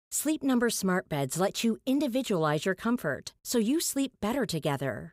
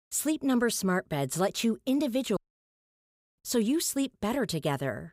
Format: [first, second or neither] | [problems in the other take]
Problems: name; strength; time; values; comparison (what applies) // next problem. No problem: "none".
first | audio cutting out; at 2.5 s for 1 s